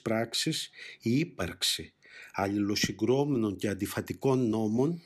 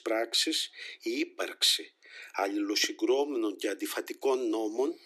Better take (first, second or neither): first